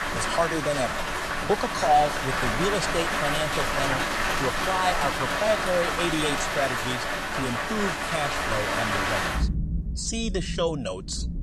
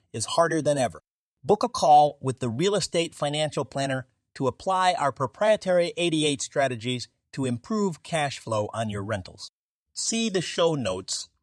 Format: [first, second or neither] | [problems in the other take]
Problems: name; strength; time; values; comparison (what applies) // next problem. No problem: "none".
second | rain or running water; very loud; throughout; 1 dB above the speech